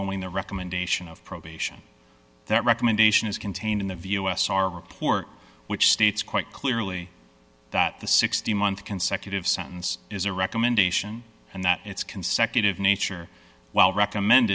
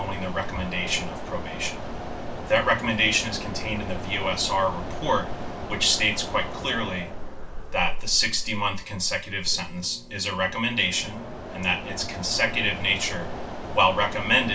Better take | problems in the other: first | background sound (Mechanisms); 5 dB below the speech // room echo; dies away in 0.3 s

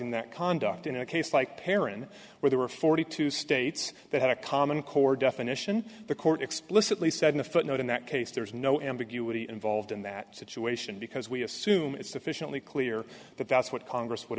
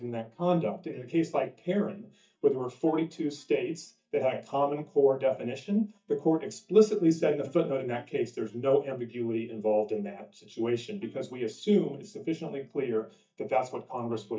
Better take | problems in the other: first | noise reduction (neural mask model DeepFilterNet 3)

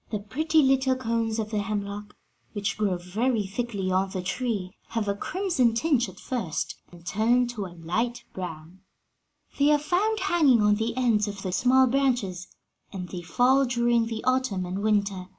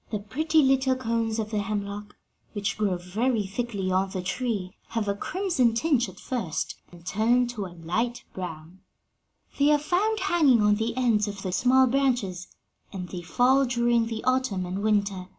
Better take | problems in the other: second | noise reduction (neural mask model Resemble Enhance denoiser)

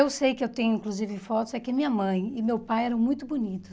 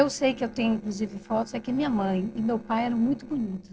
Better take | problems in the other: first | noise reduction (neural separator model SepFormer DNS4)

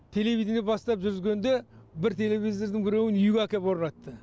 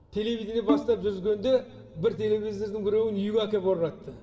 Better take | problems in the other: first | background sound (Bowed string instrument); 5 dB below the speech // room echo; dies away in 1.5 s

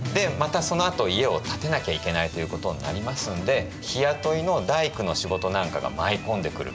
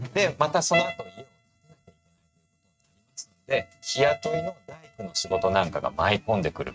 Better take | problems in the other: first | noise reduction (neural mask model RNNoise)

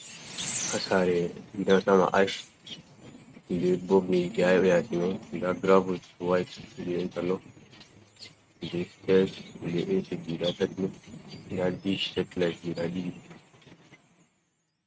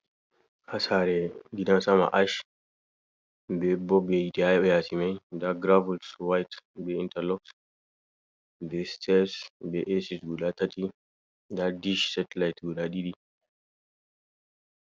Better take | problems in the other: second | noise reduction (neural mask model RNNoise)

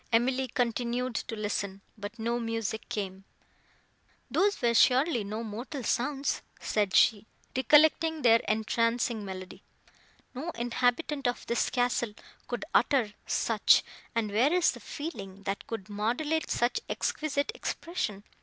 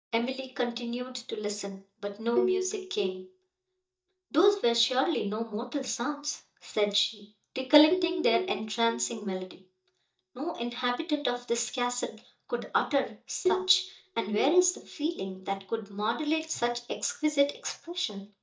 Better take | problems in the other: first | noise reduction (neural mask model DeepFilterNet 3)

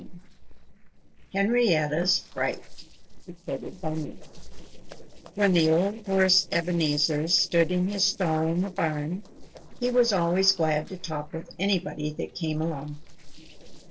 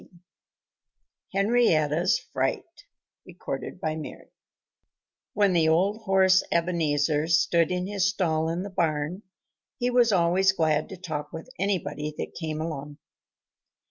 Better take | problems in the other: second | noise reduction (neural separator model SepFormer DNS4)

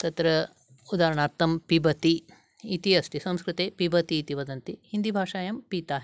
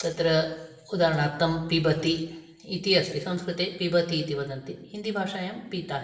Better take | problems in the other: first | room echo; dies away in 0.9 s

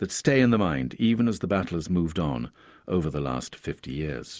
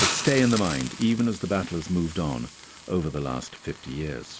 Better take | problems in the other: first | background sound (Hiss); 8 dB below the speech

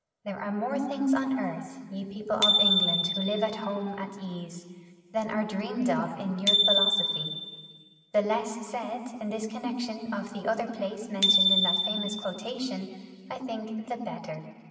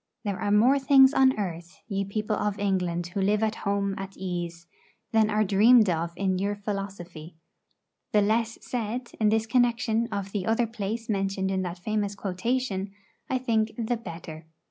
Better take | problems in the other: second | background sound (Bicycle bell); 2 dB above the speech // room echo; dies away in 2 s

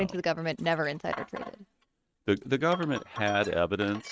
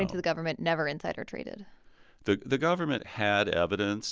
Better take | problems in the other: second | noise reduction (neural mask model RNNoise)

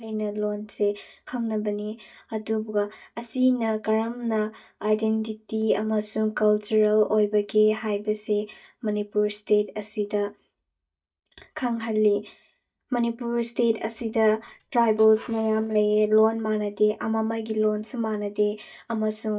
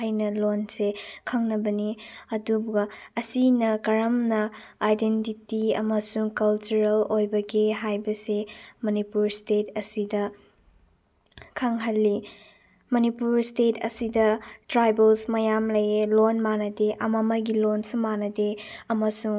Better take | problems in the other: second | noise reduction (neural mask model DeepFilterNet 3)

